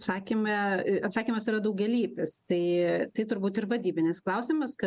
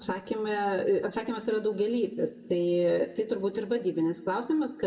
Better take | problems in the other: first | room echo; dies away in 1.2 s

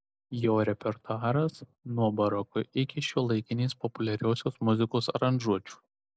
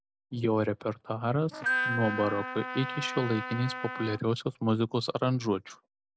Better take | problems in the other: first | background sound (Glockenspiel + Trumpet); 5 dB below the speech

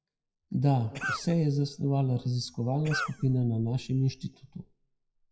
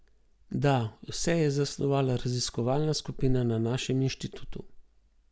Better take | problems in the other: second | noise reduction (classical method WPE with log-MMSE)

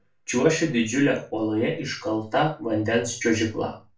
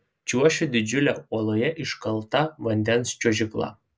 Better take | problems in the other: second | room echo; dies away in 0.3 s

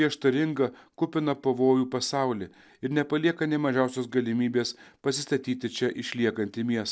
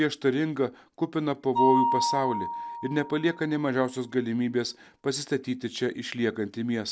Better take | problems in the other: first | background sound (Mallet percussion); 5 dB below the speech

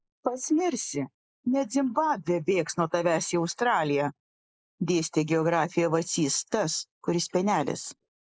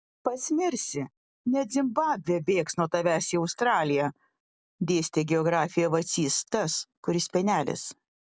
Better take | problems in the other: second | noise reduction (neural mask model Resemble Enhance denoiser)

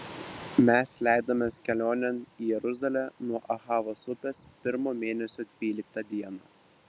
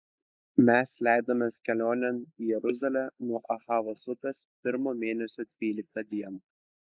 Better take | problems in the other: first | noise reduction (neural mask model Resemble Enhance denoiser)

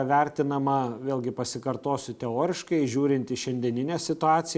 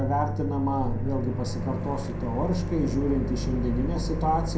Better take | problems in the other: first | background sound (Microwave oven); 1 dB below the speech // room echo; dies away in 0.5 s

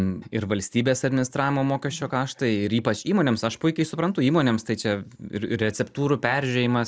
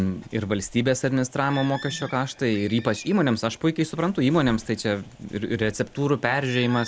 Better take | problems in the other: first | background sound (Bird); 20 dB below the speech

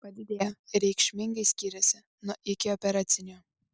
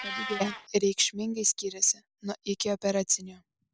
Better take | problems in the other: first | background sound (Meow); 13 dB below the speech

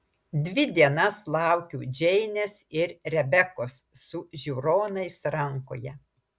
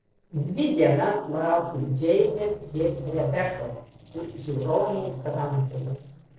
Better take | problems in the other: first | noise reduction (neural separator model SepFormer DNS4)

